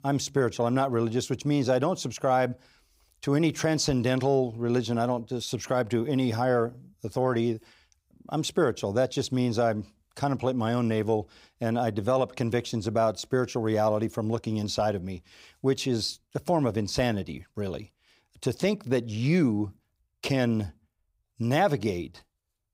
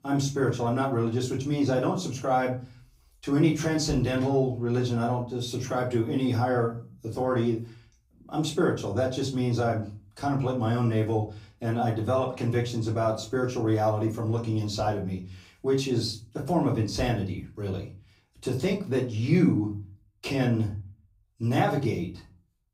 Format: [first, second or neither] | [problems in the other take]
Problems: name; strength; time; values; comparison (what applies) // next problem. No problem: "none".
first | off-mic speech; far // room echo; slight; dies away in 0.3 s